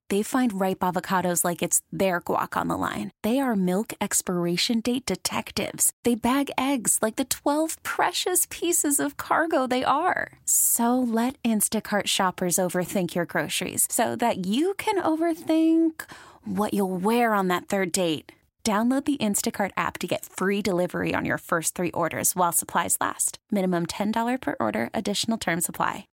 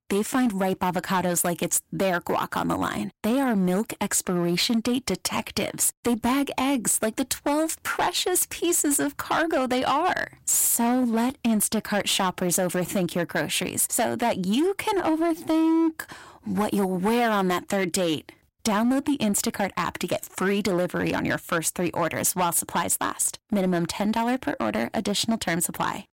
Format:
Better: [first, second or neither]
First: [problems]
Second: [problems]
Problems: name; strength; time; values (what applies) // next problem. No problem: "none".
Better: first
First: none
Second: distortion; slight; 11% of the sound clipped